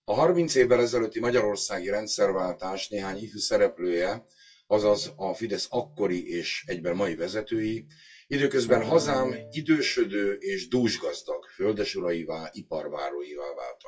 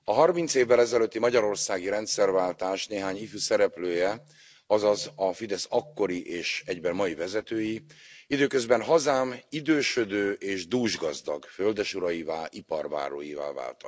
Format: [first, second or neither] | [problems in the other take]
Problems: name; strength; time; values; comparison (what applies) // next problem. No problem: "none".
second | noise reduction (classical method WPE with log-MMSE)